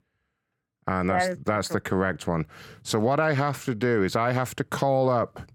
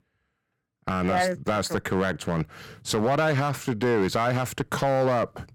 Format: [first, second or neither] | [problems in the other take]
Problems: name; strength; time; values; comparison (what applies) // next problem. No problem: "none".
first | distortion; slight; 6% of the sound clipped